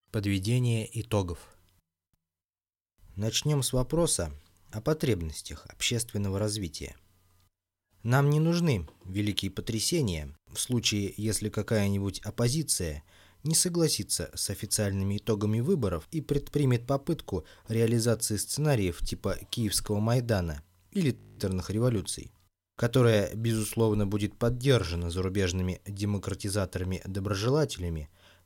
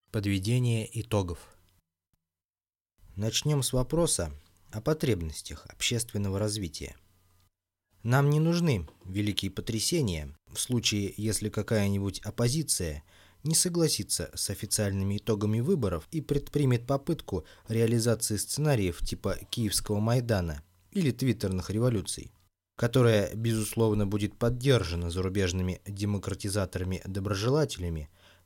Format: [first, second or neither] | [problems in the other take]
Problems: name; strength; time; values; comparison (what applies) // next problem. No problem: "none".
second | audio freezing; at 21 s